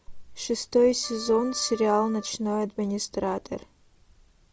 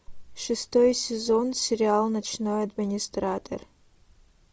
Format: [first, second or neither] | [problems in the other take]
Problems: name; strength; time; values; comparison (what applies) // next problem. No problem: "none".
second | background sound (Wind instrument, woodwind instrument); 19 dB below the speech